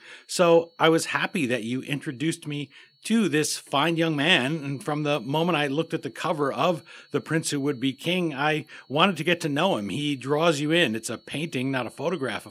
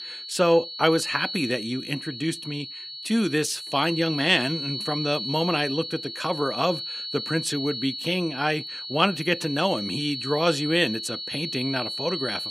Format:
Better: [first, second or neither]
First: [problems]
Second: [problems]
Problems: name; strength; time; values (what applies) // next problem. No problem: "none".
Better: first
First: high-pitched whine; faint; throughout; 4.5 kHz, 30 dB below the speech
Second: high-pitched whine; loud; throughout; 4.5 kHz, 6 dB below the speech